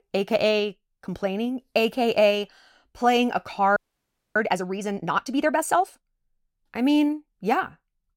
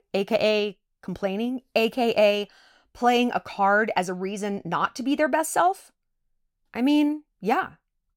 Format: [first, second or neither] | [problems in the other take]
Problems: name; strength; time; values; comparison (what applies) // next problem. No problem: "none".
second | audio freezing; at 4 s for 0.5 s